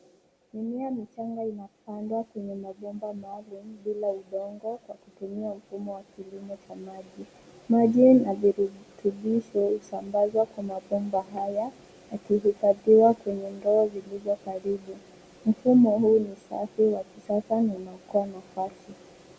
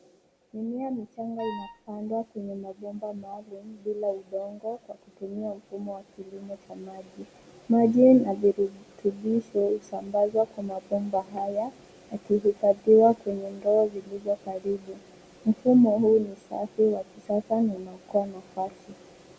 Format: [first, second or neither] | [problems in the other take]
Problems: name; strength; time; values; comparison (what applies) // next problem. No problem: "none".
first | background sound (Wind instrument, woodwind instrument); 15 dB below the speech